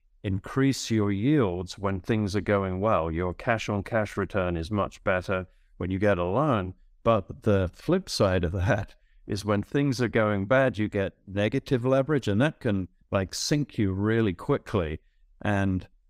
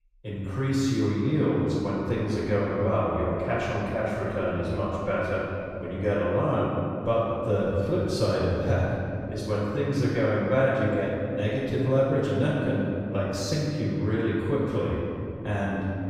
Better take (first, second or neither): first